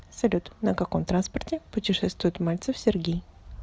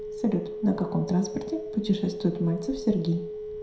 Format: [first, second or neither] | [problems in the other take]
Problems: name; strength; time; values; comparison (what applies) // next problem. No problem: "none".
first | background sound (Telephone); 8 dB below the speech // room echo; dies away in 0.6 s